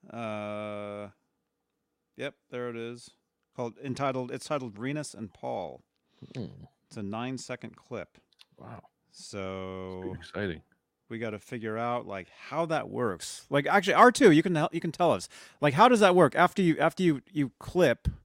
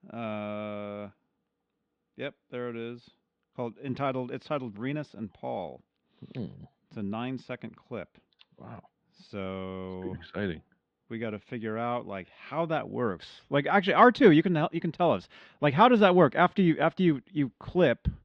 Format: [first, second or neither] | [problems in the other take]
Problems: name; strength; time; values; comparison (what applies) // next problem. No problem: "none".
first | muffled; slightly; fading above 3.5 kHz